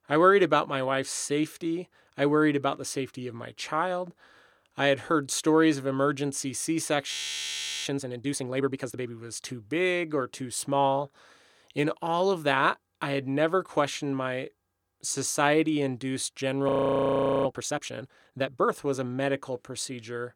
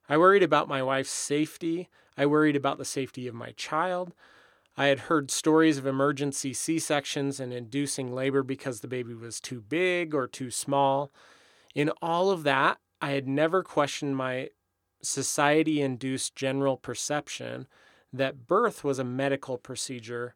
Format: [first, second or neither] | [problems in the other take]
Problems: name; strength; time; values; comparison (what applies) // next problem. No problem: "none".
second | audio freezing; at 7 s for 0.5 s and at 17 s for 1 s